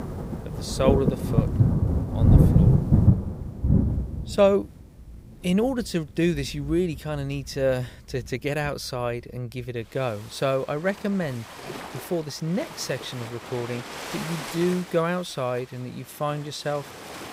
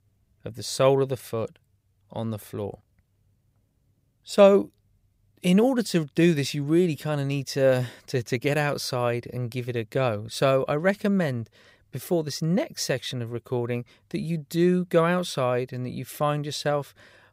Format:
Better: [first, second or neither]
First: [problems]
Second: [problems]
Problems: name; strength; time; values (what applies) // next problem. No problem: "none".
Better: second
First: rain or running water; very loud; throughout; 4 dB above the speech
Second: none